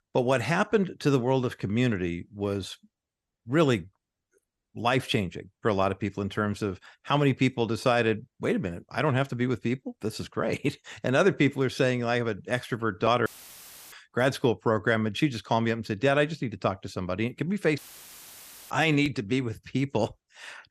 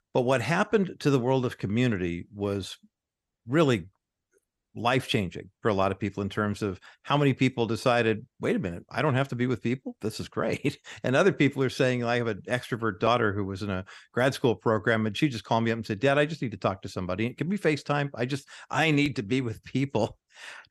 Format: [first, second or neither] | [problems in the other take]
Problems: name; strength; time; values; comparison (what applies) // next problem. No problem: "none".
second | audio cutting out; filled with static; at 13 s for 0.5 s and at 18 s for 1 s